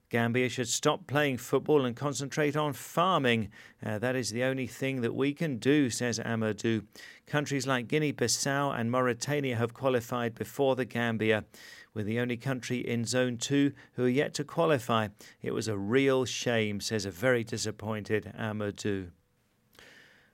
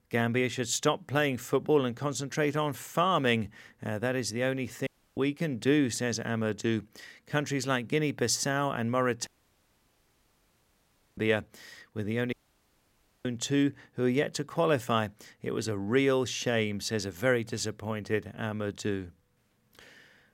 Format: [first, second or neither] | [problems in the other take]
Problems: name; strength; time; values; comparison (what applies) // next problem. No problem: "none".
first | audio cutting out; at 5 s, at 9.5 s for 2 s and at 12 s for 1 s